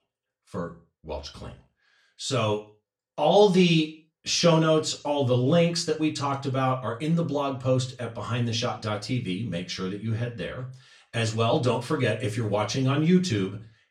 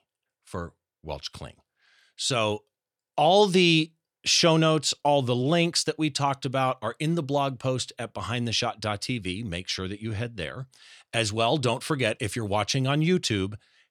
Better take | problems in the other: second | room echo; very slight; dies away in 0.3 s // off-mic speech; far

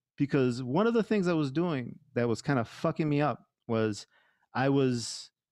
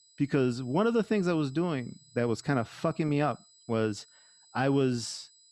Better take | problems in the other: first | high-pitched whine; faint; throughout; 8 kHz, 25 dB below the speech

